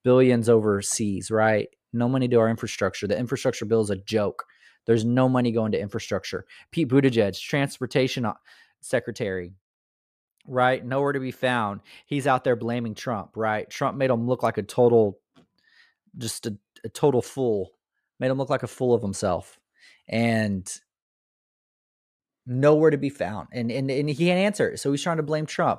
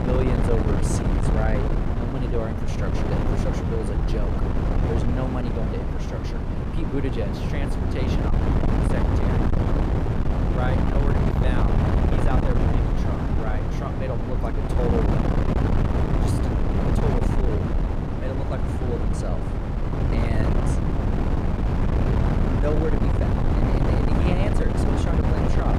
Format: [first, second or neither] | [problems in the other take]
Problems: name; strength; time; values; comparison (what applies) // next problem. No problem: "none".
first | wind noise on the microphone; heavy; 3 dB above the speech